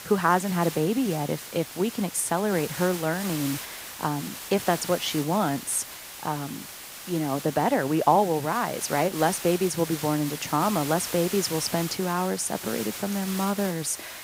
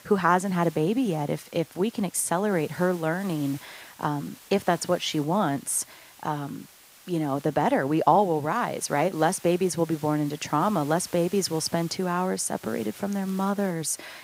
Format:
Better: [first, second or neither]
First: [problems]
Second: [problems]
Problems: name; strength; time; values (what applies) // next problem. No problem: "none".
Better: second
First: hiss; loud; throughout; 9 dB below the speech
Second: hiss; faint; throughout; 20 dB below the speech